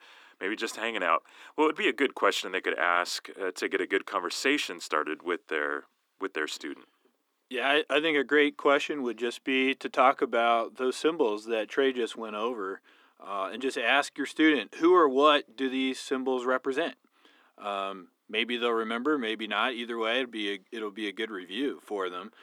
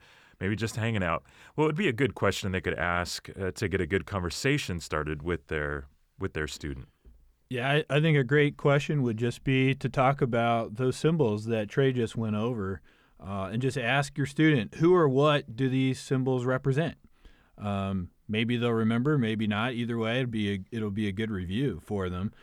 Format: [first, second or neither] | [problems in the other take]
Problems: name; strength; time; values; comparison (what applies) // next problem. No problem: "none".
second | thin; somewhat; fading below 300 Hz